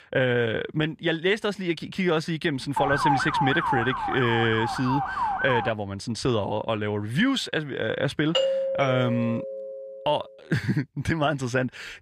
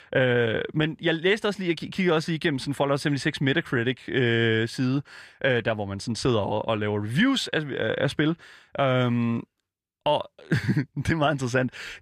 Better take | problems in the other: second | siren; loud; from 3 to 5.5 s; peak 3 dB above the speech // doorbell; loud; from 8.5 to 10 s; peak 2 dB above the speech

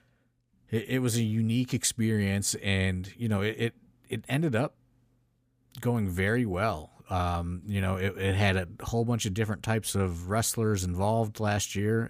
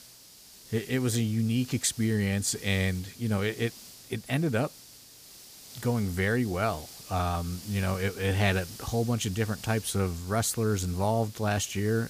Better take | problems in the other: first | hiss; noticeable; throughout; 15 dB below the speech

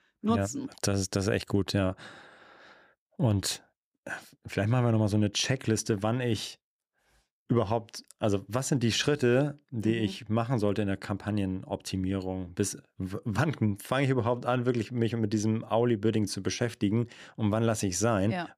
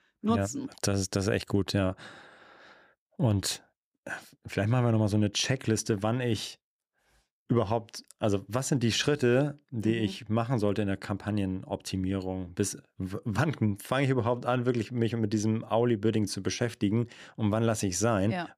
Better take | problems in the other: neither | none

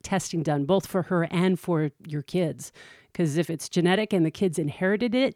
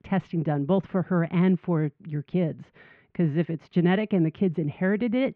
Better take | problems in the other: first | muffled; very; fading above 2.5 kHz

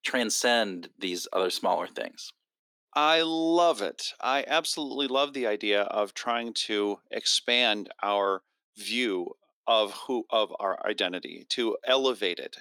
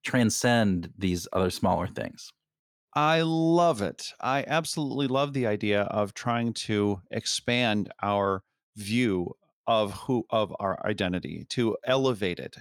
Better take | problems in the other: second | thin; somewhat; fading below 300 Hz

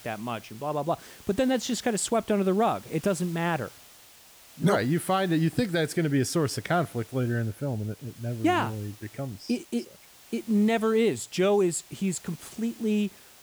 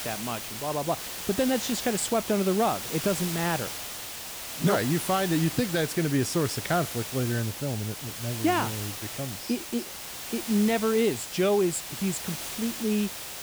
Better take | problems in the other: first | hiss; loud; throughout; 6 dB below the speech; faint in the first

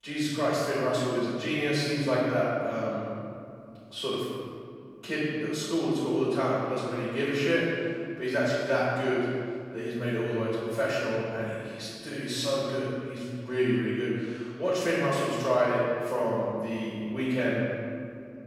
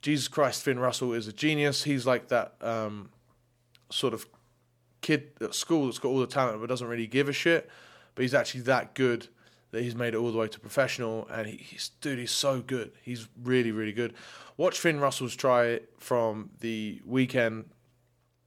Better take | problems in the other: second | off-mic speech; far // room echo; strong; dies away in 2.2 s

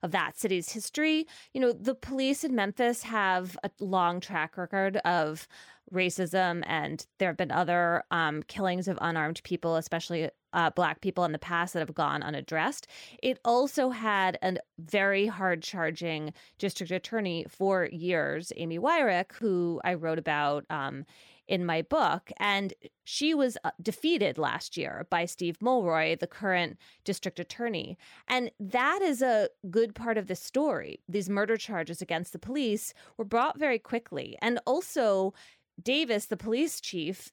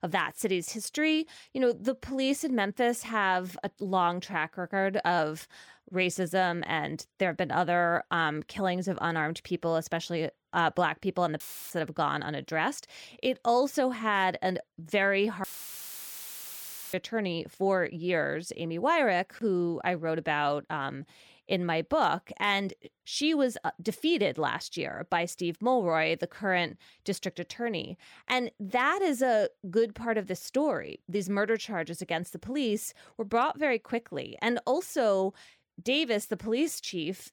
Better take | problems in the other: first | audio cutting out; filled with static; at 11 s and at 15 s for 1.5 s

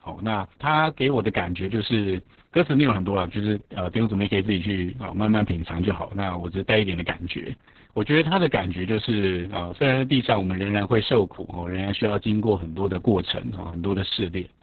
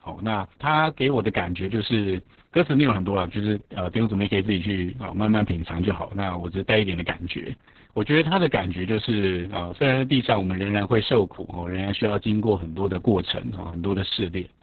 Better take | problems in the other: neither | garbled, watery; badly; nothing above 4 kHz; the same in both

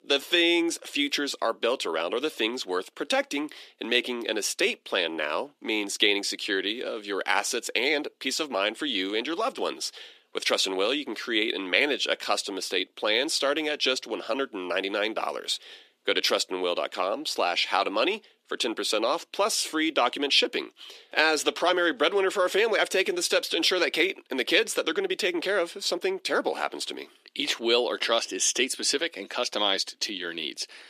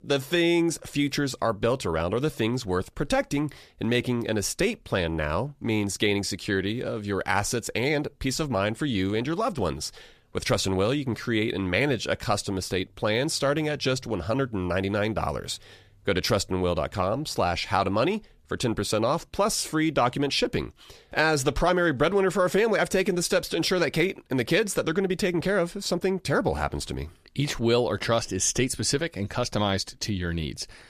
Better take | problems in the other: second | thin; somewhat; fading below 300 Hz

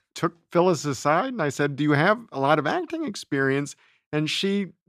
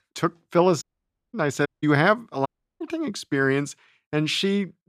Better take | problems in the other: first | audio cutting out; at 1 s for 0.5 s, at 1.5 s and at 2.5 s

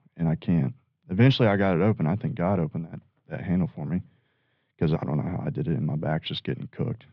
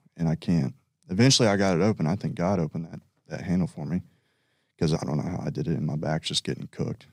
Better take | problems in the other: second | muffled; very; fading above 3.5 kHz

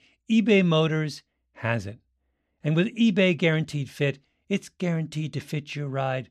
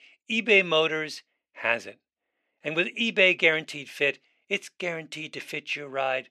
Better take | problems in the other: first | thin; somewhat; fading below 450 Hz

